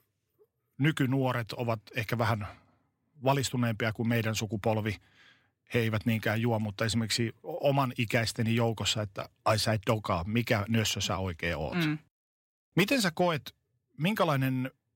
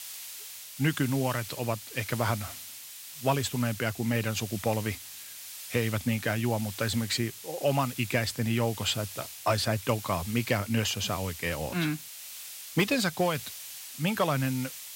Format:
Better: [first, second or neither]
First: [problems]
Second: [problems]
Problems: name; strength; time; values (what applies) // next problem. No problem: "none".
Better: first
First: none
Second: hiss; noticeable; throughout; 10 dB below the speech